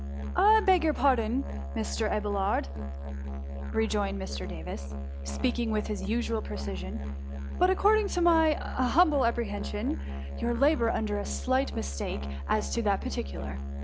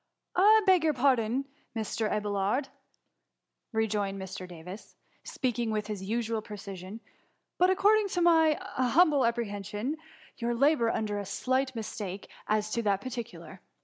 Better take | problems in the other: second | background sound (Musical instrument); 5 dB below the speech

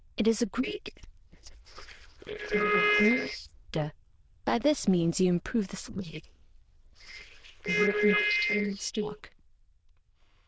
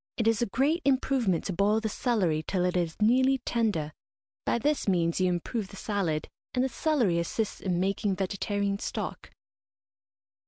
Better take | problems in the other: second | noise reduction (neural diffusion model UNIVERSE++)

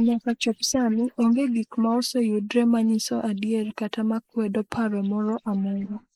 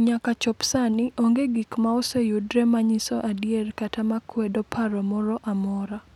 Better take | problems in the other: second | noise reduction (neural mask model Resemble Enhance denoiser)

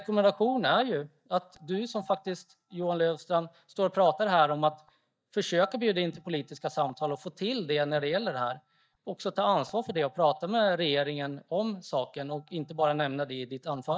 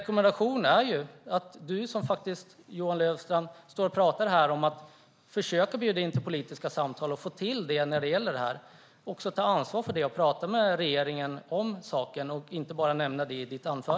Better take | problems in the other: second | noise reduction (neural mask model DeepFilterNet 3)

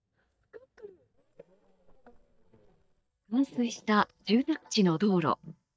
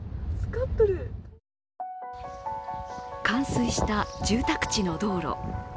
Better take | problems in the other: second | noise reduction (neural mask model DeepFilterNet 3)

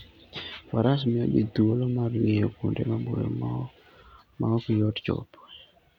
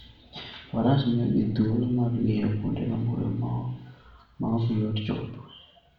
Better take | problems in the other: first | room echo; dies away in 0.7 s

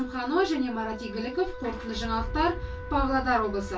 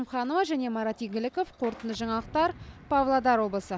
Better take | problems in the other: second | background sound (Wind instrument, woodwind instrument); 14 dB below the speech // room echo; dies away in 0.1 s

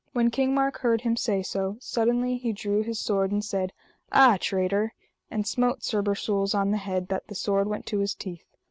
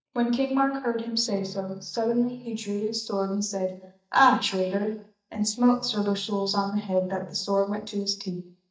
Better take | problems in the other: first | noise reduction (neural mask model DeepFilterNet 3)

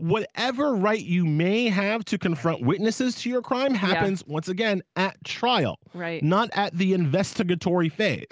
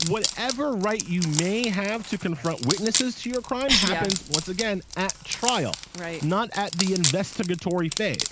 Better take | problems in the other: first | background sound (Wood + Cough); 4 dB below the speech

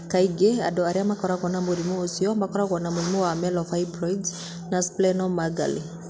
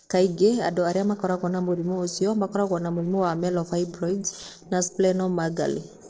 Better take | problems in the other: first | noise reduction (neural separator model SepFormer DNS4)

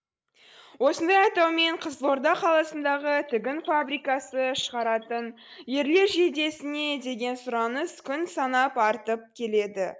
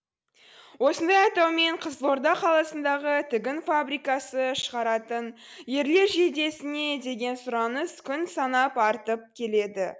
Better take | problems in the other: second | noise reduction (neural mask model Resemble Enhance denoiser)

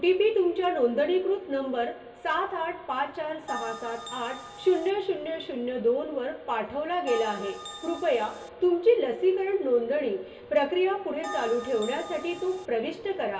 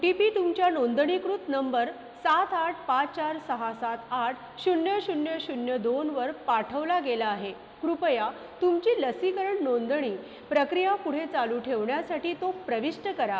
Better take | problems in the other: second | background sound (Bell); 13 dB below the speech // room echo; dies away in 0.3 s

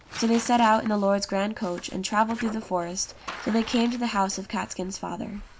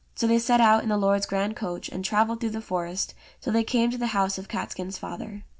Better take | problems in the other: second | background sound (Tearing); 17 dB below the speech

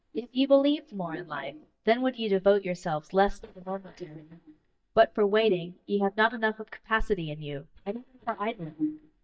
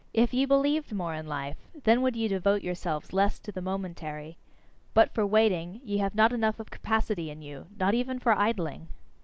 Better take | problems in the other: second | noise reduction (neural mask model DeepFilterNet 3)

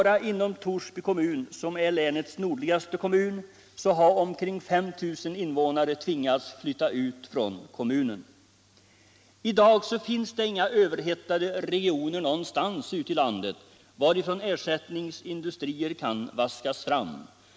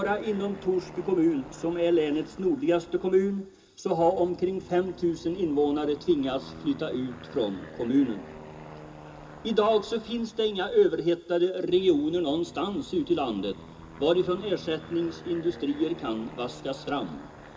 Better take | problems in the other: first | background sound (Aircraft); 17 dB below the speech // room echo; dies away in 0.2 s

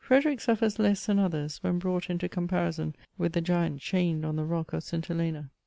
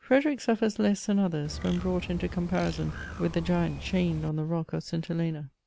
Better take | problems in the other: first | background sound (Bird); 10 dB below the speech

